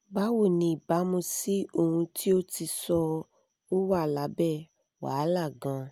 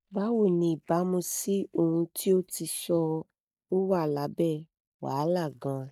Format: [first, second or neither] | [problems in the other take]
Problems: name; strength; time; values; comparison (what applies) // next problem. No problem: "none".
first | noise reduction (neural mask model DeepFilterNet 3)